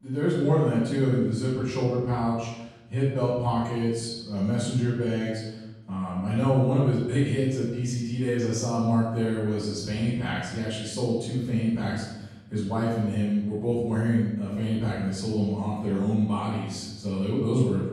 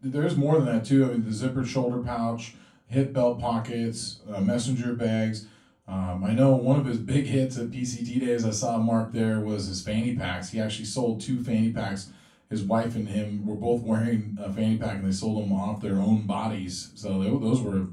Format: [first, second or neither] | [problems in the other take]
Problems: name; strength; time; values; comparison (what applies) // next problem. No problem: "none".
second | room echo; strong; dies away in 1 s; slight in the second // off-mic speech; far; far in the second